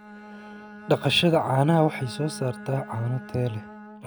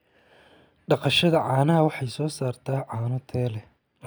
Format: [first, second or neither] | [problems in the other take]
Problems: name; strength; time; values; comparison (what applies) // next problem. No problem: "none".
second | background sound (Bowed string instrument); 16 dB below the speech